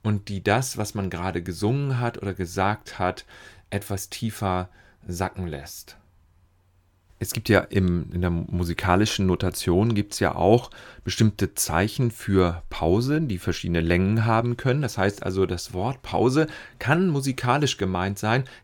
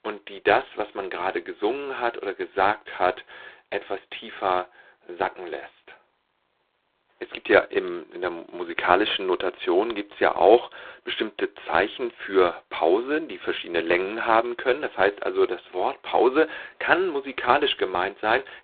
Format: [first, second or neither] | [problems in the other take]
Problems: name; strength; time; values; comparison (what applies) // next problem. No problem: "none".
first | phone-call audio; poor line; nothing above 3.5 kHz